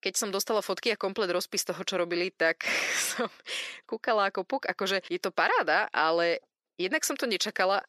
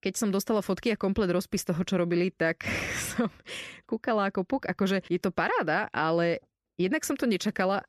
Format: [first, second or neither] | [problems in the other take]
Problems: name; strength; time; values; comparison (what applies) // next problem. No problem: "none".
second | thin; somewhat; fading below 450 Hz